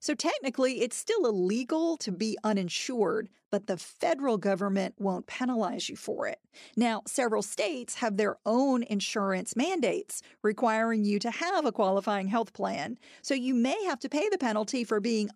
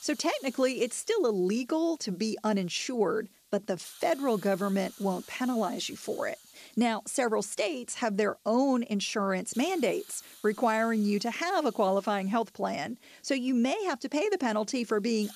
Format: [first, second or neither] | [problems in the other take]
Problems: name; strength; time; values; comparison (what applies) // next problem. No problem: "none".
first | hiss; faint; throughout; 25 dB below the speech